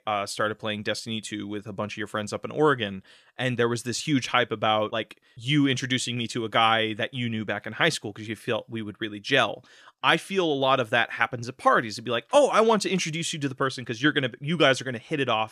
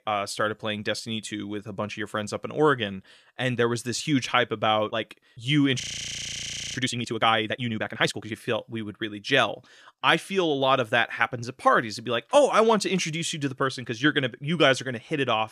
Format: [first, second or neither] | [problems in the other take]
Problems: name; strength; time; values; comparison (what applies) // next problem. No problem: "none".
first | audio freezing; at 6 s for 1 s